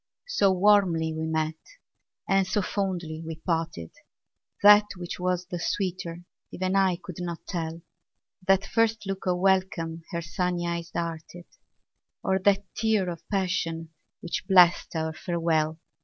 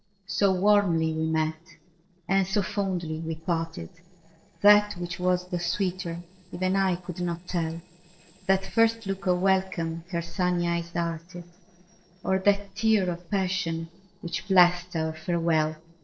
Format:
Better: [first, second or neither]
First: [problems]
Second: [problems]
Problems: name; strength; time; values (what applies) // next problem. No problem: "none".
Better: first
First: none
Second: noise reduction (neural separator model SepFormer DNS4)